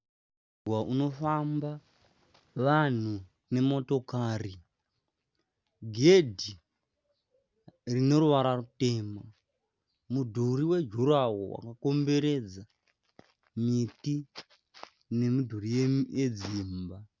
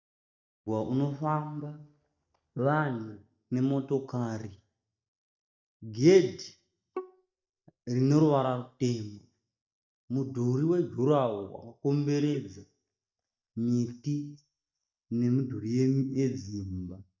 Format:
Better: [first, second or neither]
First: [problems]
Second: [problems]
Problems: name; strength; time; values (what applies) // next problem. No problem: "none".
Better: first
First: none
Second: noise reduction (neural mask model DeepFilterNet 3)